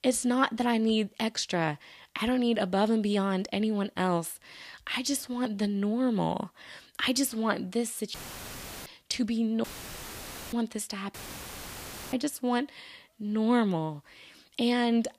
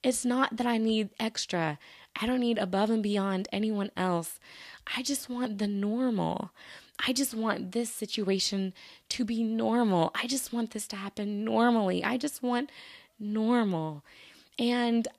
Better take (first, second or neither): second